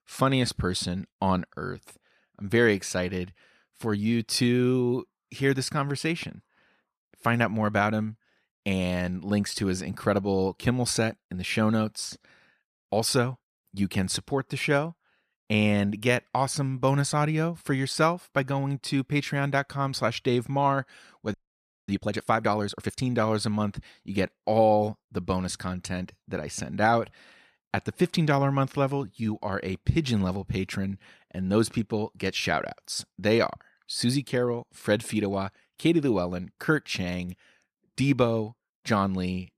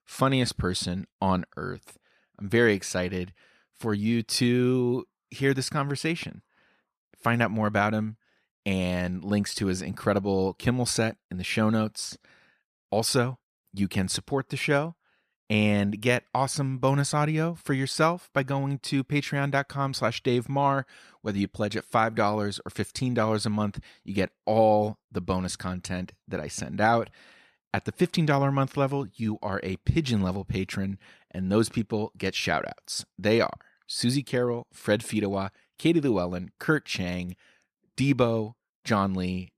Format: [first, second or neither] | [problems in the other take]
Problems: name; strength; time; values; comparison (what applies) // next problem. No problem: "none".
second | audio freezing; at 21 s for 0.5 s